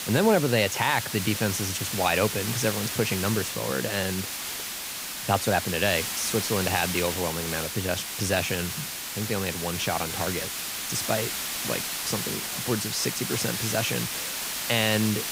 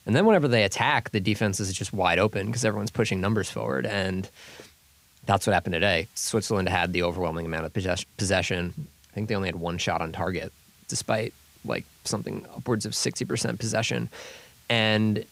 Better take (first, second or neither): second